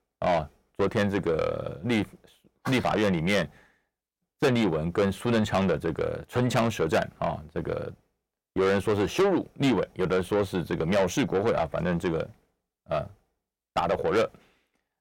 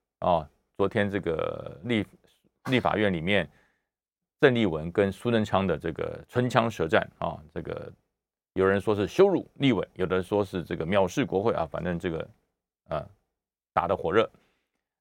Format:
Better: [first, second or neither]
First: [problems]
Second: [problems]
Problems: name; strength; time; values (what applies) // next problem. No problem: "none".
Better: second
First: distortion; heavy; 7 dB below the speech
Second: none